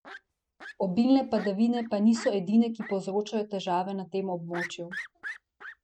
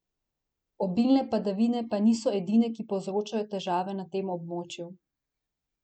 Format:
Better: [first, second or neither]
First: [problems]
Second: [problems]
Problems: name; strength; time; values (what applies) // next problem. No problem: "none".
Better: second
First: noise reduction (neural mask model RNNoise)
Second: none